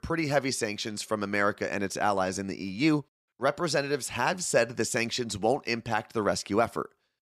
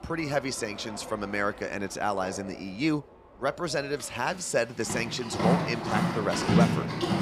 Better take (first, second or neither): first